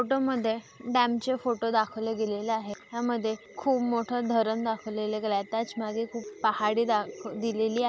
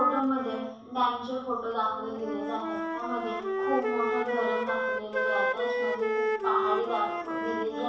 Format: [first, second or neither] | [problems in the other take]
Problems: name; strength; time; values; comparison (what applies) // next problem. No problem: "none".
first | background sound (Wind instrument, woodwind instrument); as loud as the speech // room echo; dies away in 0.7 s